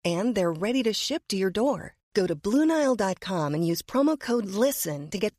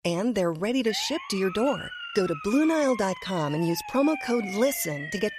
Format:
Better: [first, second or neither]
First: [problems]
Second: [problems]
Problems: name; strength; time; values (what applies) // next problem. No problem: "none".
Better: first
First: none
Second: siren; noticeable; from 1 s on; peak 8 dB below the speech